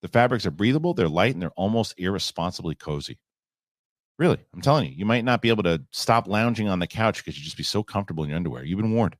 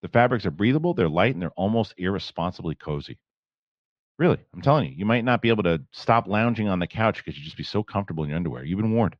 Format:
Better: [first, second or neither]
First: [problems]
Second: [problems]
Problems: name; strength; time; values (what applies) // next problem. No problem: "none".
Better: first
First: none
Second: muffled; slightly; fading above 3 kHz